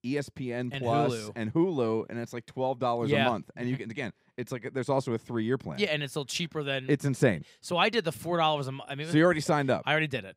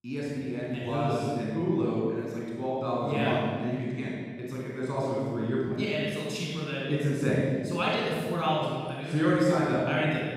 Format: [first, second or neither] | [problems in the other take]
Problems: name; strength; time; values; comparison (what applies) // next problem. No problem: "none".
first | off-mic speech; far // room echo; strong; dies away in 1.6 s